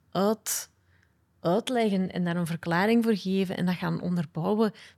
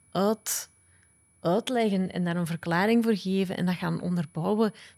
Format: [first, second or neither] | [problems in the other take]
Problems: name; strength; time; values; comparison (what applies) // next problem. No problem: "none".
first | high-pitched whine; faint; throughout; 10 kHz, 35 dB below the speech